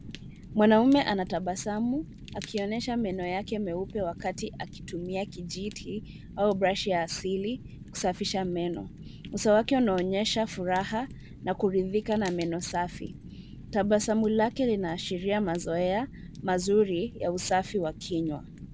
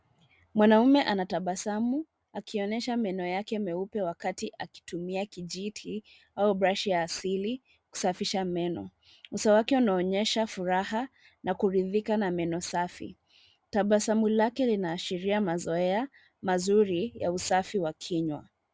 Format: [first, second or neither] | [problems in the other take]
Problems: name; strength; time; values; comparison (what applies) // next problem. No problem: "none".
second | background sound (Fire); 15 dB below the speech